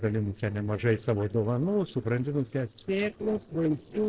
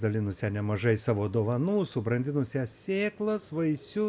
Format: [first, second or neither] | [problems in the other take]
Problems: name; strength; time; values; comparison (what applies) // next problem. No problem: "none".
second | noise reduction (neural separator model SepFormer DNS4)